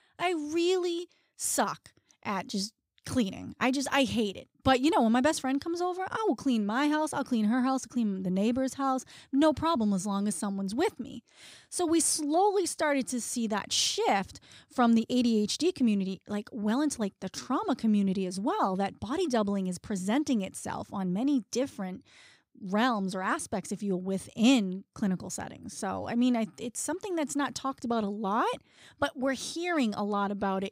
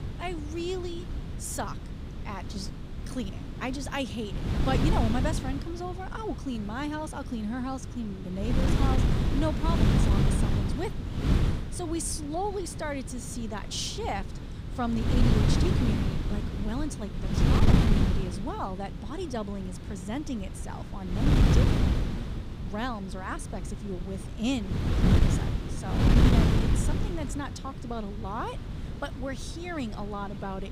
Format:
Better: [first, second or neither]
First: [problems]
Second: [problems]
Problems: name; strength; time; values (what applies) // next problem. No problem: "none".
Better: first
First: none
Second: wind noise on the microphone; heavy; as loud as the speech